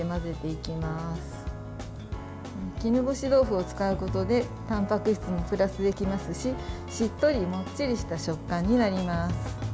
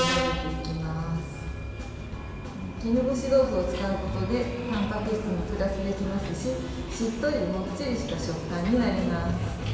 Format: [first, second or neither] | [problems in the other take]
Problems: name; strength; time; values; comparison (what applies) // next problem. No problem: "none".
first | background sound (Subway, metro, underground); 10 dB below the speech // room echo; dies away in 1.3 s